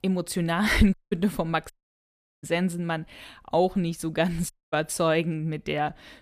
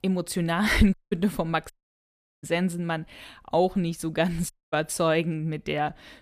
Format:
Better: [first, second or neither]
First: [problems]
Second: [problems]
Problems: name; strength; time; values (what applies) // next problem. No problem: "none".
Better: neither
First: audio cutting out; at 1 s, at 1.5 s for 0.5 s and at 4.5 s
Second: audio cutting out; at 1 s, at 1.5 s for 0.5 s and at 4.5 s